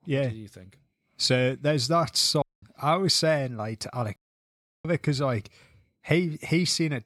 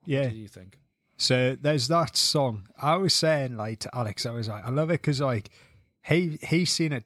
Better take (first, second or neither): second